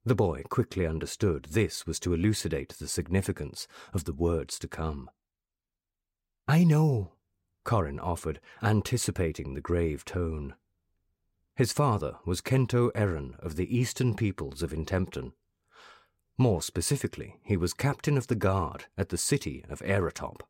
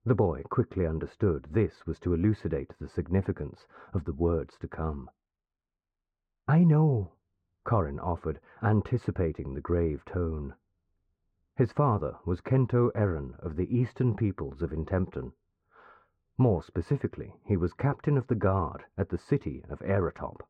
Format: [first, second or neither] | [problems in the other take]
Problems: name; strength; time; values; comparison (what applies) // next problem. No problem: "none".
first | muffled; very; fading above 3.5 kHz